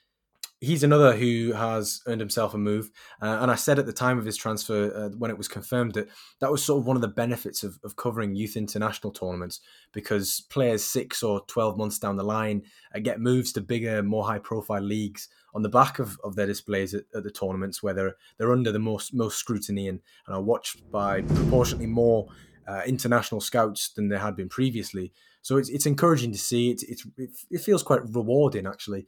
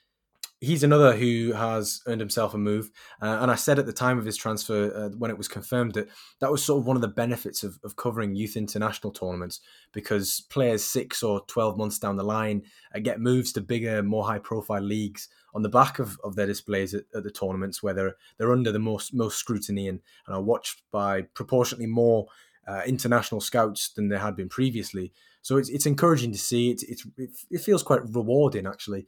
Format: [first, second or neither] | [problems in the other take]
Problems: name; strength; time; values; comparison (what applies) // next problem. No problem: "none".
second | door banging; loud; from 21 to 22 s; peak 2 dB above the speech